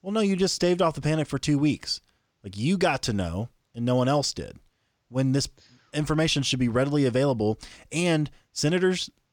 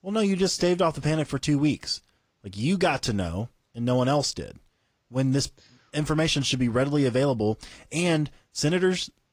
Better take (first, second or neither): first